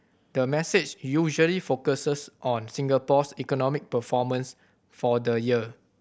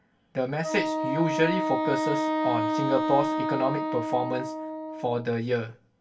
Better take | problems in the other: first | background sound (Wind instrument, woodwind instrument); as loud as the speech // room echo; dies away in 0.2 s

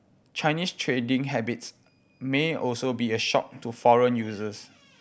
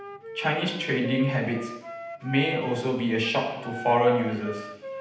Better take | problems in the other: first | background sound (Wind instrument, woodwind instrument); 13 dB below the speech // room echo; dies away in 0.9 s

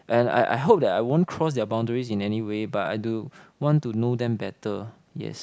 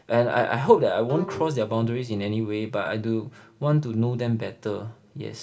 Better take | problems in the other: first | background sound (Bowed string instrument); 17 dB below the speech // room echo; dies away in 0.5 s

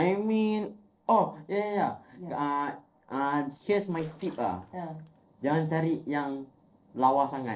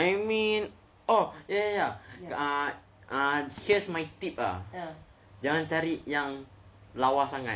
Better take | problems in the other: second | noise reduction (neural separator model SepFormer DNS4)

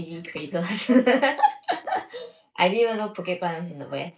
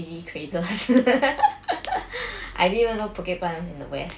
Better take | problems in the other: second | noise reduction (neural mask model Resemble Enhance denoiser)

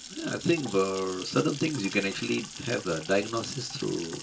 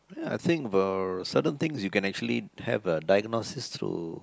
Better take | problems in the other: second | background sound (Sink (filling or washing) / Water tap, faucet / Splash, splatter); 12 dB below the speech // room echo; dies away in 0.1 s

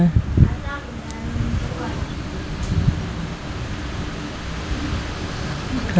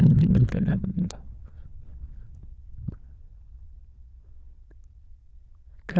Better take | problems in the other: first | noise reduction (neural diffusion model UNIVERSE++)

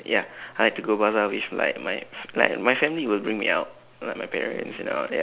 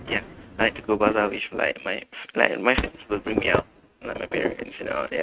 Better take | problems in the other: first | noise reduction (neural mask model RNNoise)

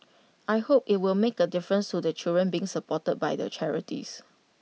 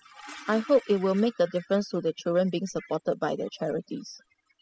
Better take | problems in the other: first | noise reduction (classical method spectral subtraction)

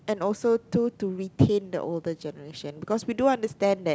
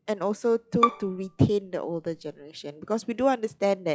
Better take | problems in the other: first | noise reduction (classical method log-MMSE)

